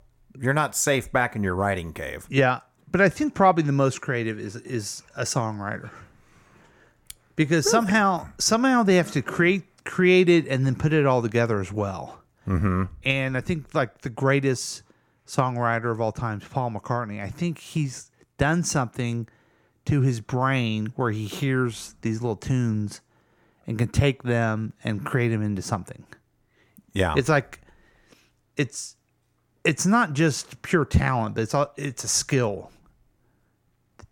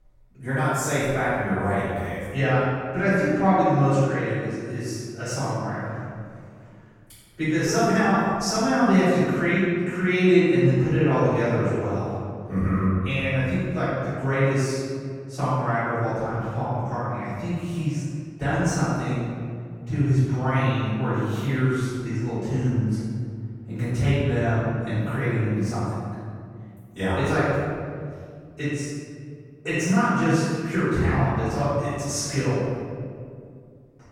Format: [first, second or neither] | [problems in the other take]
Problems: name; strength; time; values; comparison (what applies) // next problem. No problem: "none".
first | off-mic speech; far // room echo; strong; dies away in 2.1 s